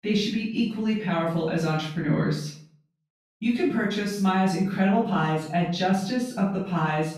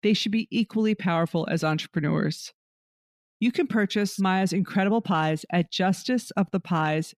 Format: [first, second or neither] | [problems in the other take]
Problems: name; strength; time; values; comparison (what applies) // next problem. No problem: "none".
second | off-mic speech; far // room echo; noticeable; dies away in 0.4 s